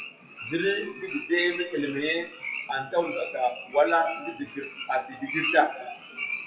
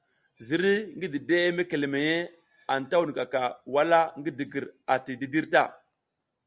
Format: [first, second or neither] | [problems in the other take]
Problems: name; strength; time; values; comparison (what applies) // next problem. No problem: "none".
second | noise reduction (classical method WPE with log-MMSE)